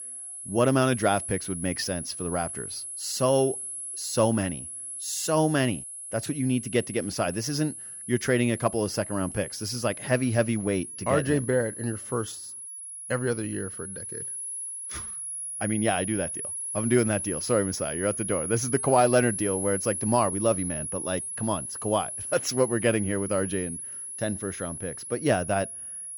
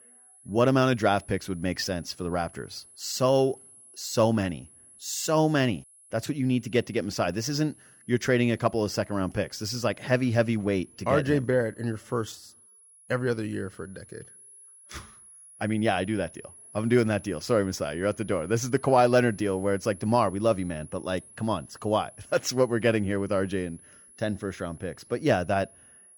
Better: second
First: high-pitched whine; loud; throughout; 10.5 kHz, 6 dB below the speech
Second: high-pitched whine; faint; throughout; 10.5 kHz, 25 dB below the speech

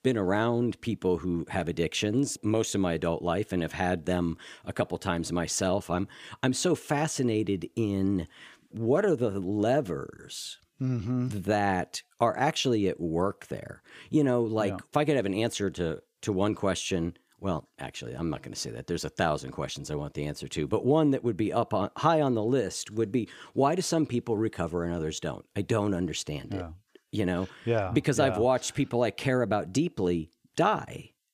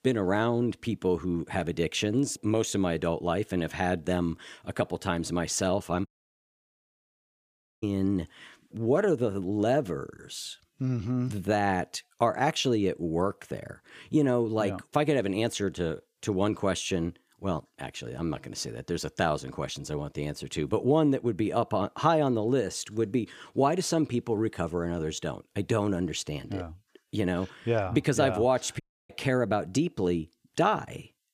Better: first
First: none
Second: audio cutting out; at 6 s for 2 s and at 29 s

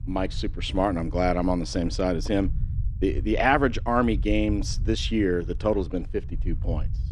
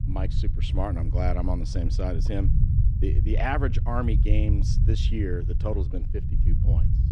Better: first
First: low rumble; faint; throughout; 25 dB below the speech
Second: low rumble; loud; throughout; 8 dB below the speech

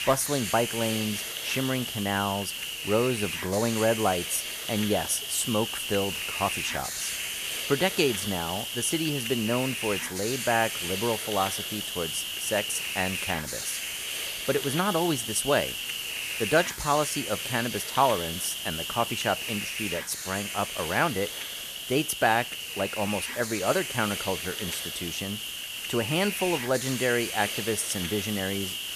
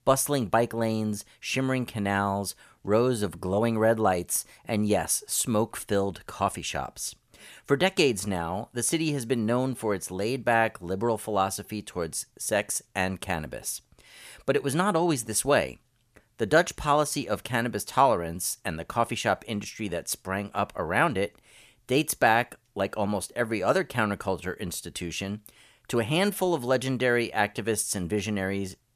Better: second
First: hiss; loud; throughout; 3 dB below the speech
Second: none

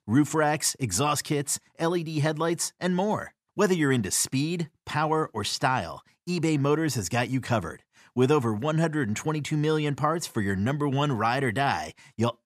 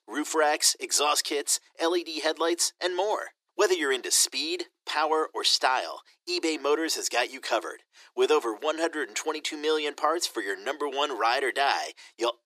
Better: first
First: none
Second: thin; very; fading below 350 Hz

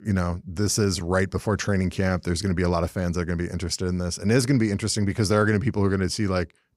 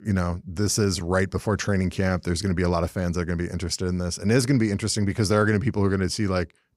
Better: neither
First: none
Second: none

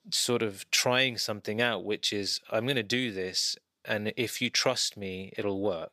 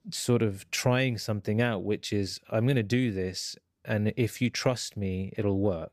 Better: second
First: thin; somewhat; fading below 650 Hz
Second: none

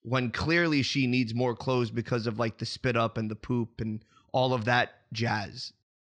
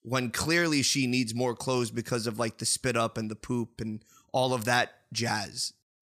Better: second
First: muffled; very slightly; fading above 4.5 kHz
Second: none

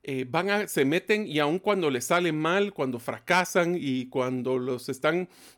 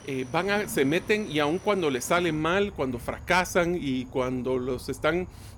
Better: first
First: none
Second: animal sounds; noticeable; throughout; 20 dB below the speech

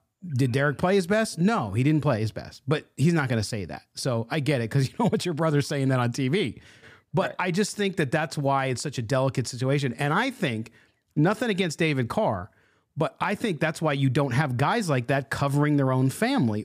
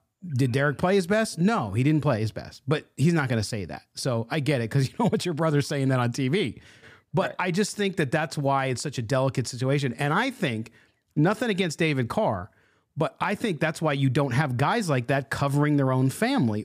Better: neither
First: none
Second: none

